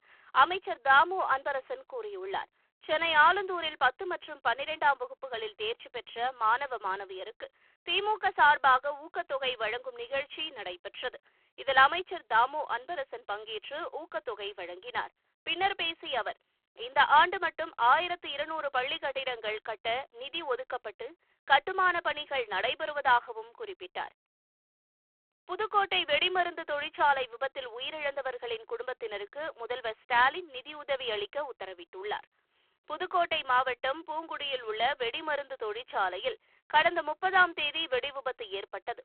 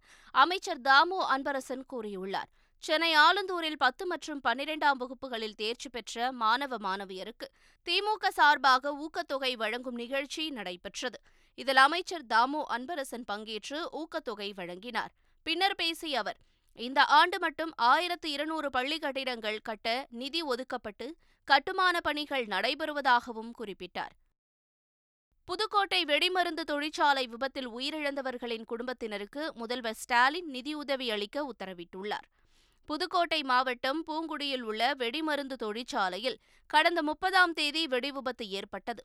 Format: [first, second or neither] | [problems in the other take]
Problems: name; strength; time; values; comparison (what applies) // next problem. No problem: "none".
second | phone-call audio; poor line